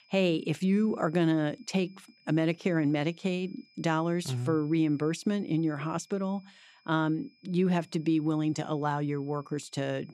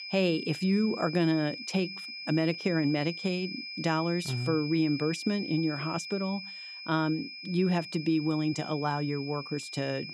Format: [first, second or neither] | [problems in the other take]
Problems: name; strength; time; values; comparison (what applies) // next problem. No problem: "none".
first | high-pitched whine; loud; throughout; 2.5 kHz, 9 dB below the speech; faint in the first